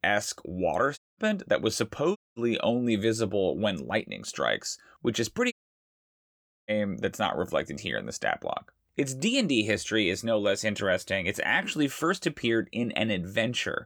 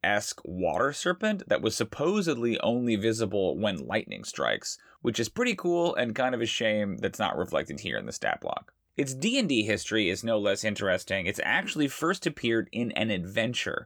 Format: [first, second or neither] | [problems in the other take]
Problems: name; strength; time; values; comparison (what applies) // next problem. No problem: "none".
second | audio cutting out; at 1 s, at 2 s and at 5.5 s for 1 s